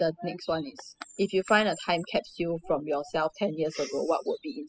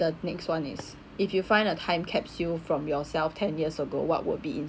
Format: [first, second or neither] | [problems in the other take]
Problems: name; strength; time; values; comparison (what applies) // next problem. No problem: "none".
second | noise reduction (classical method spectral subtraction)